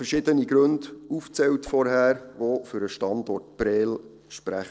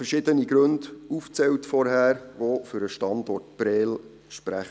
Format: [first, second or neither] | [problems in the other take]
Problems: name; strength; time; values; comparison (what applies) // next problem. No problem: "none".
second | noise reduction (neural separator model SepFormer DNS4)